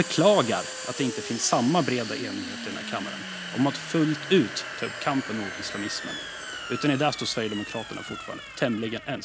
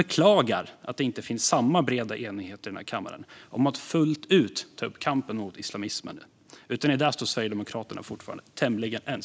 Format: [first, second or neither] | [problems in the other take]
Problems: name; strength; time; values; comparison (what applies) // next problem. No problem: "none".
second | background sound (Domestic sounds, home sounds); 9 dB below the speech